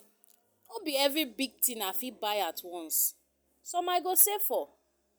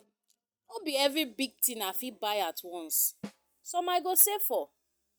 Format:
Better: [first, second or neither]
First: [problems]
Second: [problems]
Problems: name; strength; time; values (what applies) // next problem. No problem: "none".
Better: first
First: none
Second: noise reduction (neural mask model RNNoise)